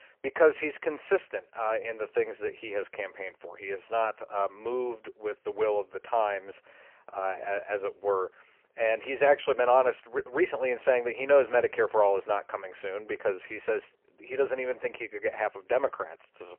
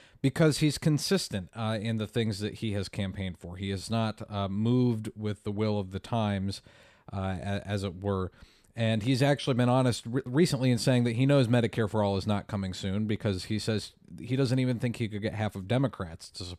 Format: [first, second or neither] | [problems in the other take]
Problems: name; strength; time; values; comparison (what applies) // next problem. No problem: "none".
second | phone-call audio; poor line